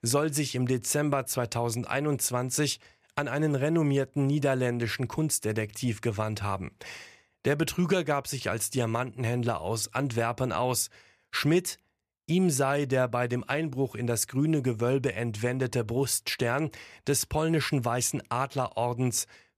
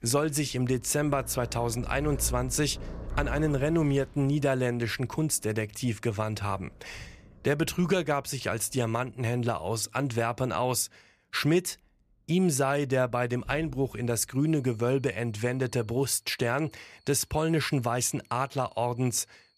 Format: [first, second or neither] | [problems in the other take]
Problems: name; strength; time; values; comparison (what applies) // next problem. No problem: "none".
first | animal sounds; noticeable; throughout; 15 dB below the speech